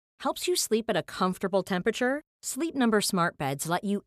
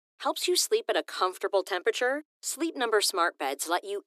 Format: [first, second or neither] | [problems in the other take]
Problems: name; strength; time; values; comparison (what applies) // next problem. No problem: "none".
first | thin; very; fading below 300 Hz